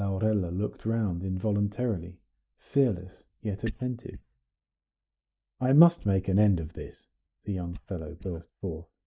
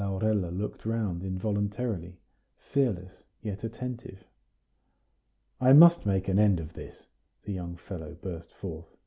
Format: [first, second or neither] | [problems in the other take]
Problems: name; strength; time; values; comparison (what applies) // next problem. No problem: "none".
second | noise reduction (neural mask model DeepFilterNet 3)